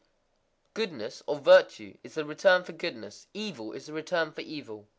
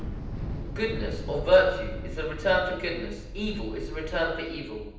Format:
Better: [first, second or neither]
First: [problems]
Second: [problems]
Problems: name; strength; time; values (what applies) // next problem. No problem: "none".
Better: first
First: none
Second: background sound (Thunder / Explosion); 7 dB below the speech // room echo; dies away in 0.9 s